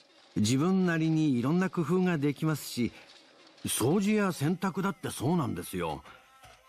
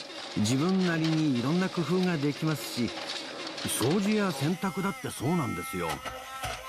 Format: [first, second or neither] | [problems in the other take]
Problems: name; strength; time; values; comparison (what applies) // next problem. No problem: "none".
first | household noises; loud; throughout; 8 dB below the speech; faint in the first